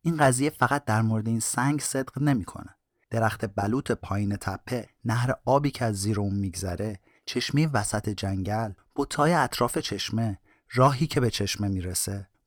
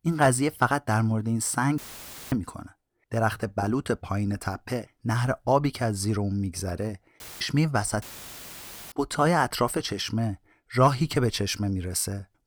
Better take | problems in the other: first | audio cutting out; filled with static; at 2 s for 0.5 s, at 7 s and at 8 s for 1 s

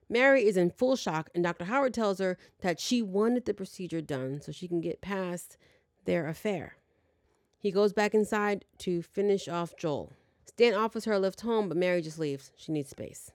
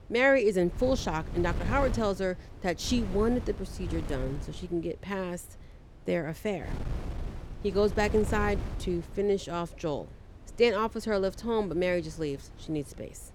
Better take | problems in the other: first | wind noise on the microphone; occasional gusts; 15 dB below the speech

